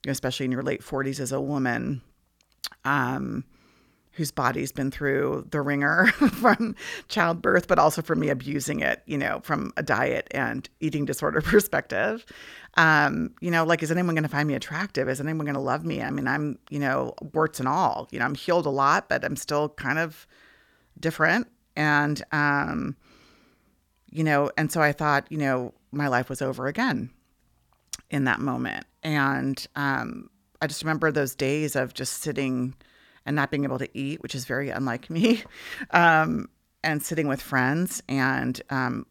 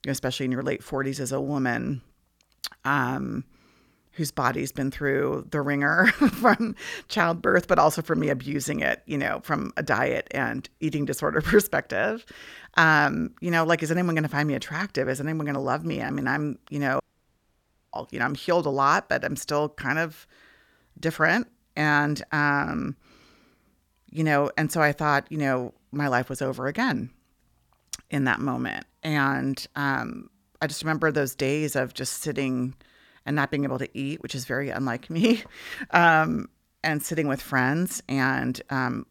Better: first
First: none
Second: audio cutting out; at 17 s for 1 s

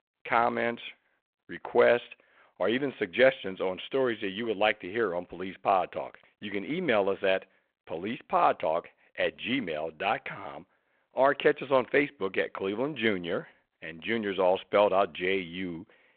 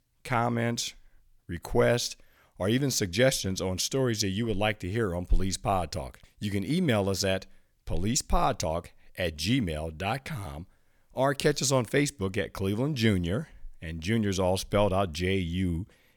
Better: second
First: phone-call audio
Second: none

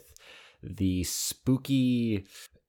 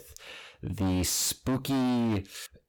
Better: first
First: none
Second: distortion; heavy; 22% of the sound clipped

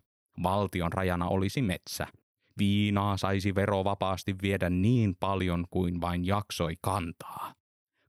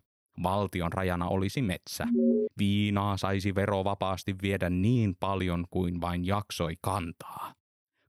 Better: first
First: none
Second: alarm; loud; at 2 s; peak 5 dB above the speech

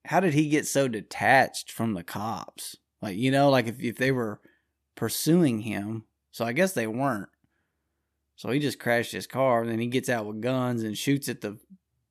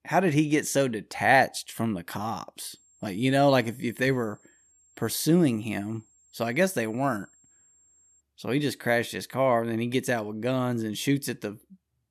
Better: first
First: none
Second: high-pitched whine; faint; from 2.5 to 8 s; 7.5 kHz, 30 dB below the speech

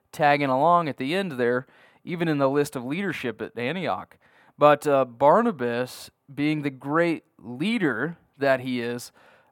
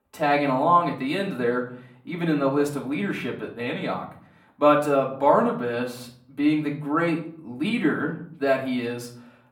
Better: first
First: none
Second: room echo; slight; dies away in 0.5 s // off-mic speech; far

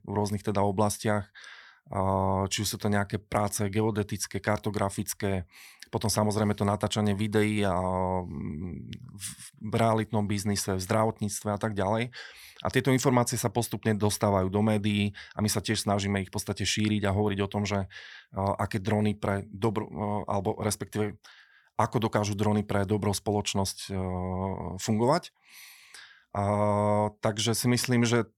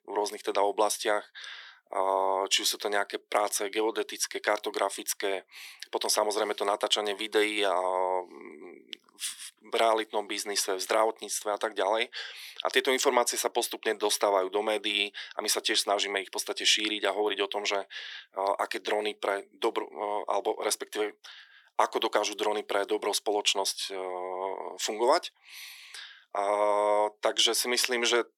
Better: first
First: none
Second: thin; very; fading below 350 Hz

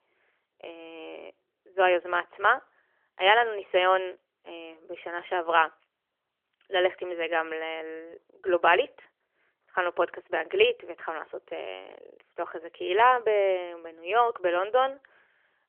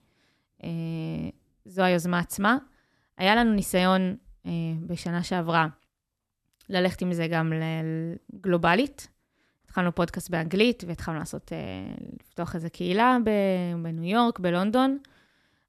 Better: second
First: phone-call audio; nothing above 3 kHz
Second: none

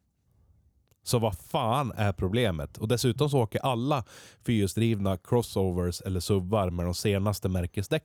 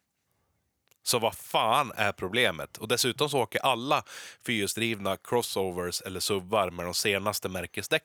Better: first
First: none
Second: thin; somewhat; fading below 850 Hz

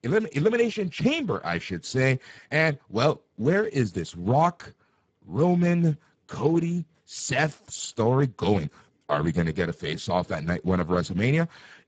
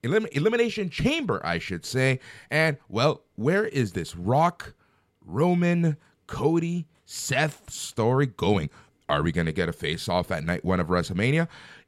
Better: second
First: garbled, watery; badly; nothing above 7.5 kHz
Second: none

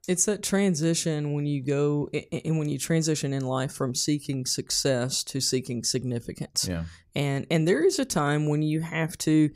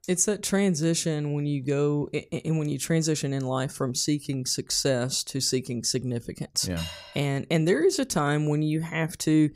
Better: first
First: none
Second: clattering dishes; faint; at 7 s; peak 10 dB below the speech

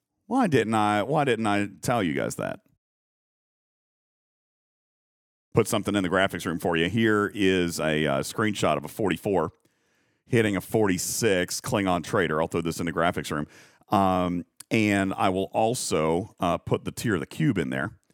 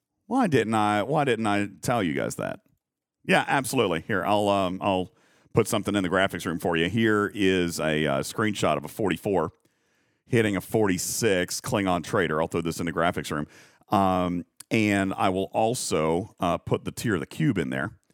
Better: second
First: audio cutting out; at 3 s for 2.5 s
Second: none

